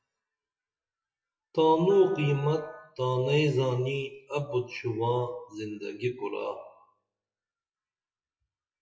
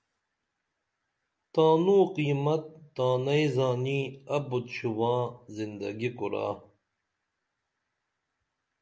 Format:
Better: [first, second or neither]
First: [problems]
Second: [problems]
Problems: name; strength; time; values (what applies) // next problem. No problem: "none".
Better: second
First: noise reduction (classical method WPE with log-MMSE)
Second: none